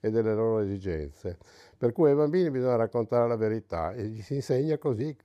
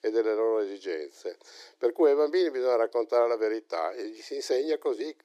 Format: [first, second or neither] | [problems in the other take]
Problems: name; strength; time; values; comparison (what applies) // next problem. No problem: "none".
first | thin; very; fading below 350 Hz